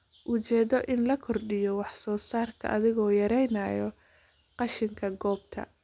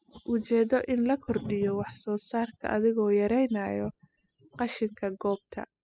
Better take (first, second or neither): first